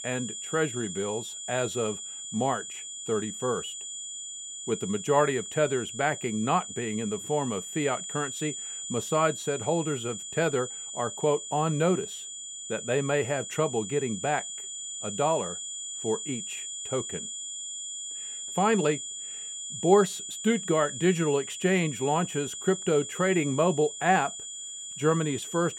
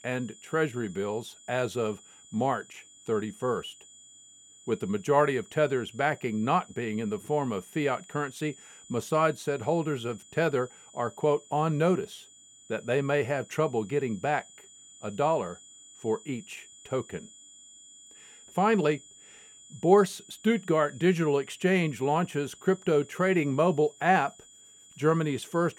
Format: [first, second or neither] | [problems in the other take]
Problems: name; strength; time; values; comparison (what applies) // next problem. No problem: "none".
second | high-pitched whine; loud; throughout; 7 kHz, 7 dB below the speech; faint in the second